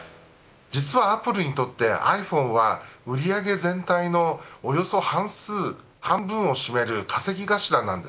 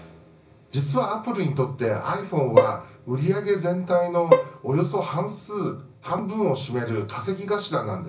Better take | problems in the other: first | background sound (Bowed string instrument); 1 dB above the speech // room echo; dies away in 0.4 s

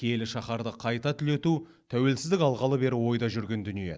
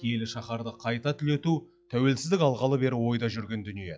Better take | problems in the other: first | noise reduction (classical method log-MMSE)

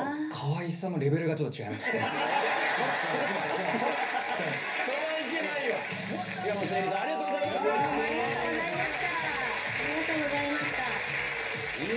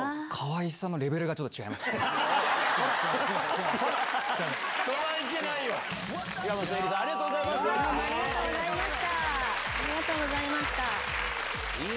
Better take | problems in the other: second | room echo; dies away in 0.3 s

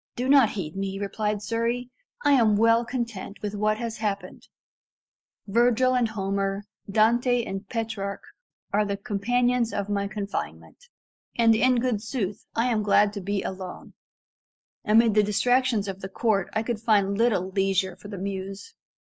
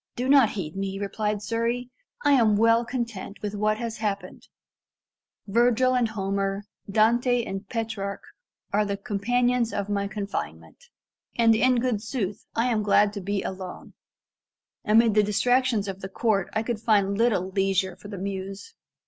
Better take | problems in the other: second | noise reduction (neural mask model Resemble Enhance denoiser)

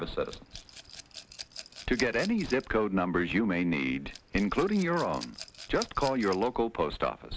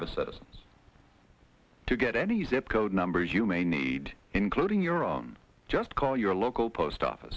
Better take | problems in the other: second | background sound (Rattle / Glass); 16 dB below the speech

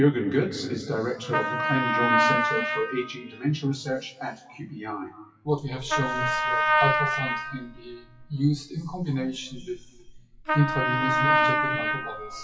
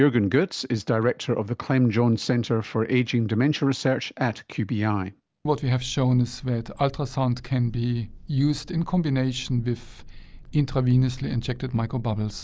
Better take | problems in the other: second | noise reduction (classical method WPE with log-MMSE)

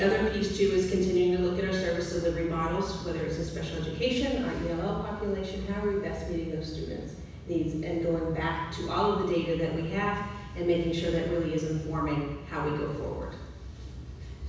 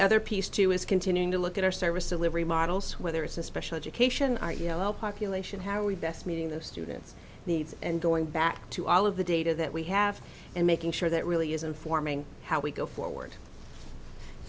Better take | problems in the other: second | room echo; dies away in 1.1 s

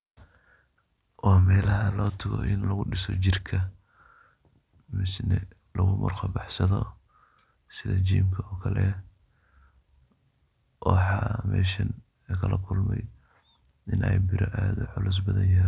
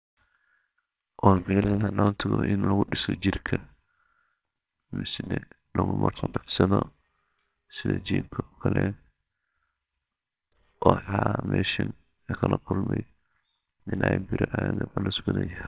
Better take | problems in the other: first | noise reduction (neural separator model SepFormer WHAMR!)

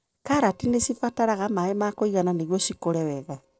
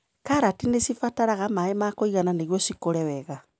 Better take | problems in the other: second | noise reduction (neural separator model SepFormer DNS4)

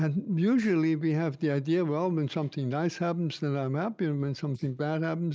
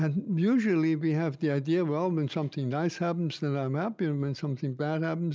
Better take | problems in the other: second | noise reduction (neural mask model Resemble Enhance denoiser)

